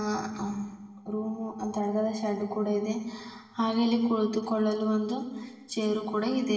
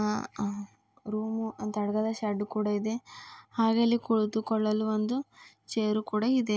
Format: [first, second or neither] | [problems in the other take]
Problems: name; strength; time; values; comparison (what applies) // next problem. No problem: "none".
second | room echo; dies away in 1.2 s